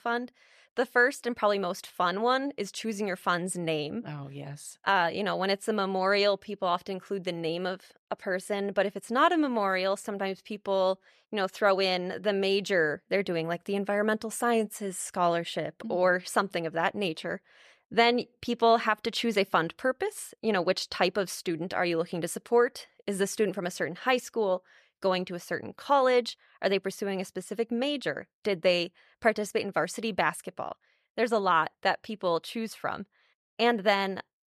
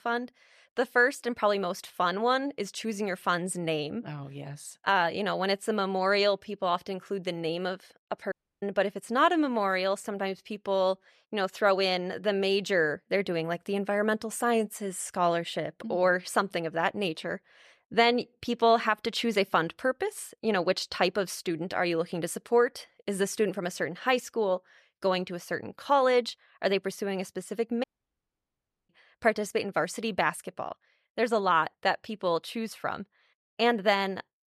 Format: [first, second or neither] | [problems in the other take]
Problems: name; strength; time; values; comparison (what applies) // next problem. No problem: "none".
first | audio cutting out; at 8.5 s and at 28 s for 1 s